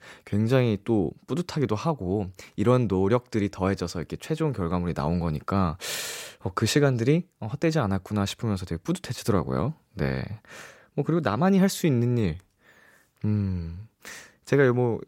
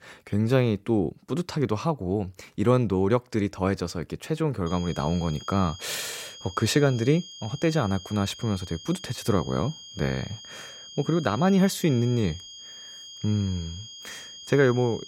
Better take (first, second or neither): first